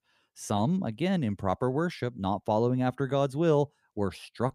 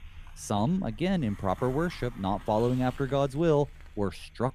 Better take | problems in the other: first | hiss; noticeable; throughout; 20 dB below the speech

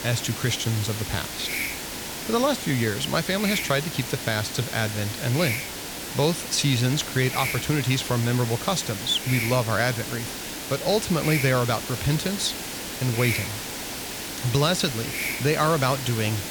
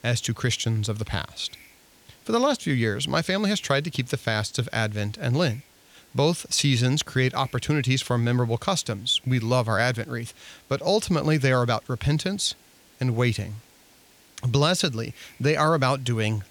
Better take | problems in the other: second | hiss; loud; throughout; 5 dB below the speech; faint in the second

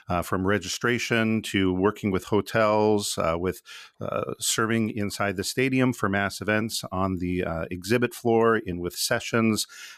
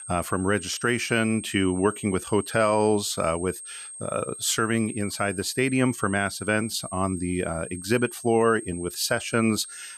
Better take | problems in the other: first | high-pitched whine; noticeable; throughout; 8.5 kHz, 10 dB below the speech

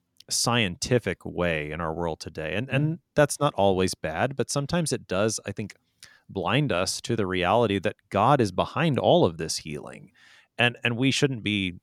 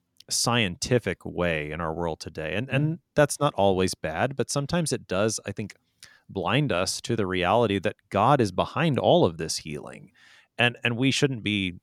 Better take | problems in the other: neither | none

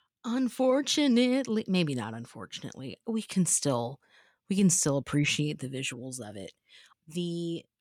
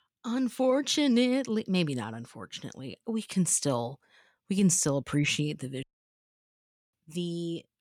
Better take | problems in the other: first | audio cutting out; at 6 s for 1 s

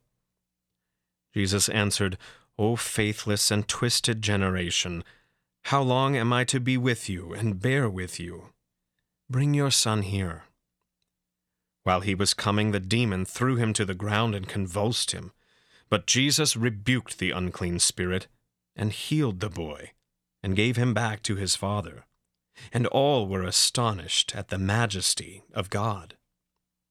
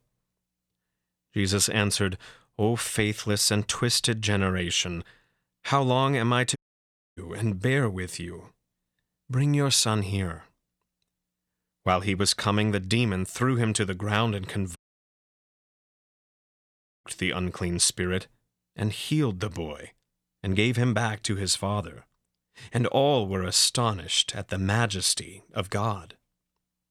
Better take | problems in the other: first | audio cutting out; at 6.5 s for 0.5 s and at 15 s for 2.5 s

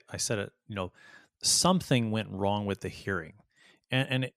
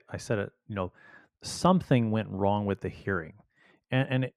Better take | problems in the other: first | muffled; slightly; fading above 3 kHz

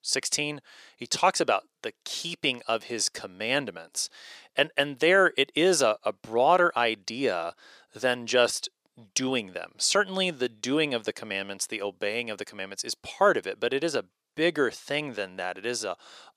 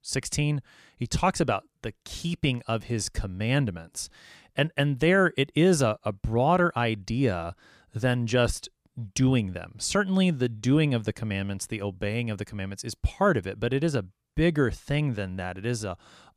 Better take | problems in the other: second | thin; somewhat; fading below 450 Hz

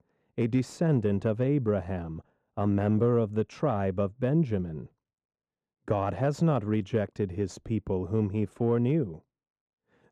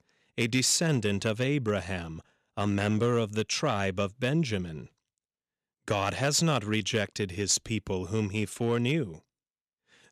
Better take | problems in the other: second | muffled; very; fading above 2 kHz

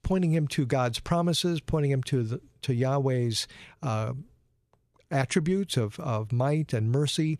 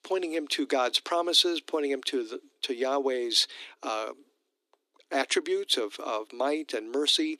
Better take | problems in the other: first | thin; somewhat; fading below 300 Hz

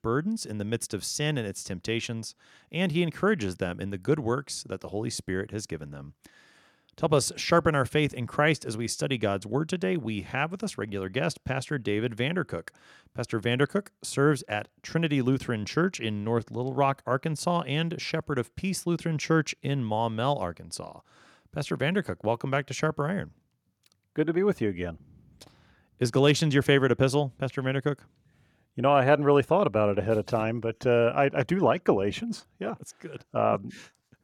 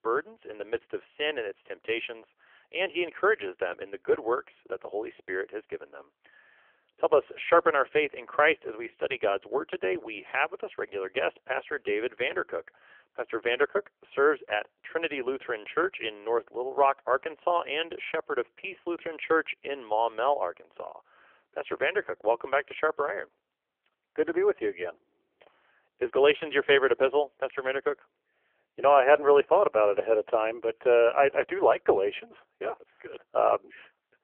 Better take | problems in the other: first | phone-call audio; poor line; nothing above 3 kHz

